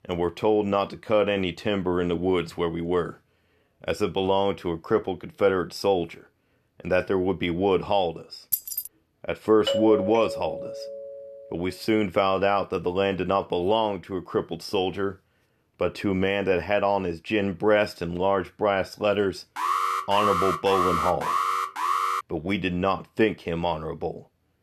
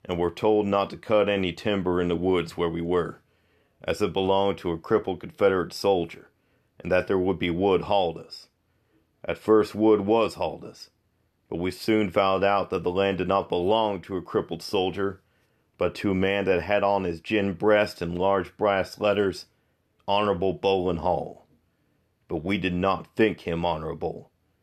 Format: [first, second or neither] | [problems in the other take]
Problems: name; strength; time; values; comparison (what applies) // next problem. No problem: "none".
second | jangling keys; noticeable; at 8.5 s; peak 1 dB below the speech // doorbell; noticeable; from 9.5 to 11 s; peak 1 dB below the speech // alarm; loud; from 20 to 22 s; peak 1 dB above the speech